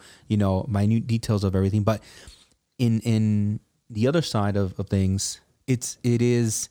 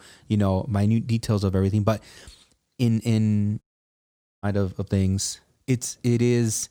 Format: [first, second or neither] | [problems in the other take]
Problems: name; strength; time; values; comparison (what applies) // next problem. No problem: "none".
first | audio cutting out; at 3.5 s for 1 s